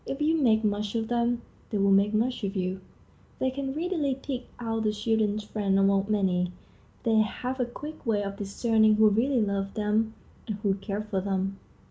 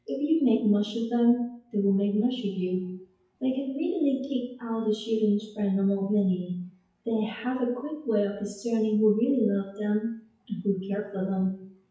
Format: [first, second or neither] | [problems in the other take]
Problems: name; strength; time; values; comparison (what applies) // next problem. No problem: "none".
first | noise reduction (classical method WPE with log-MMSE)